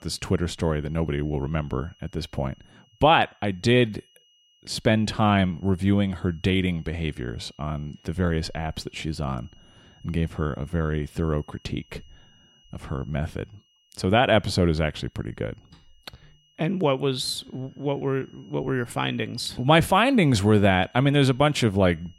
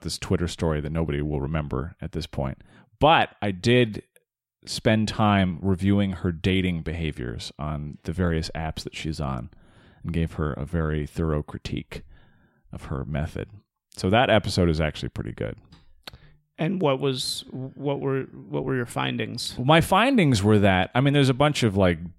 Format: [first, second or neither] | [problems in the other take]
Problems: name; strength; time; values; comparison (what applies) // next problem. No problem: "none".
second | high-pitched whine; faint; throughout; 3 kHz, 35 dB below the speech